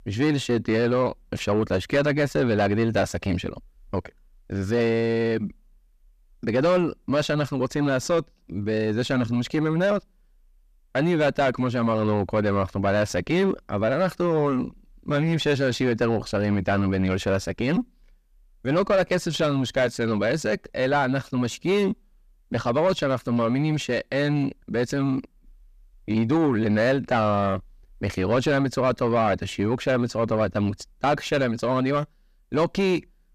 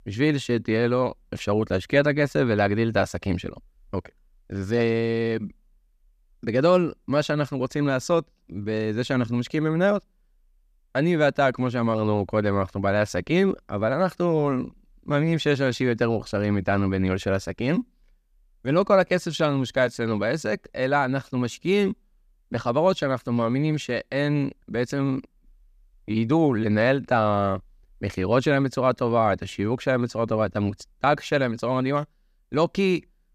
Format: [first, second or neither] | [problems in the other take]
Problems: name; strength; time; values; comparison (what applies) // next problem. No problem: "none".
second | distortion; slight; 9 dB below the speech